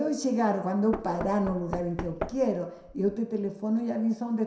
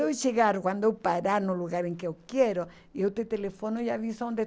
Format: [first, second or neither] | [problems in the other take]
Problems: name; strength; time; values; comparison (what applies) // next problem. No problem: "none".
second | background sound (Knock); 11 dB below the speech // room echo; dies away in 0.7 s